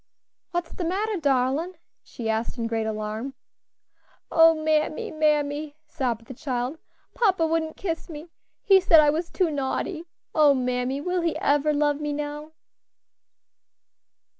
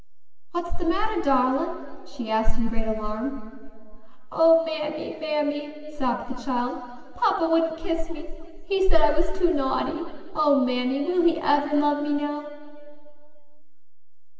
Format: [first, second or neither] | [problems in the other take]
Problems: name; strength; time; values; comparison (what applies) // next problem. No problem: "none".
first | room echo; dies away in 2.3 s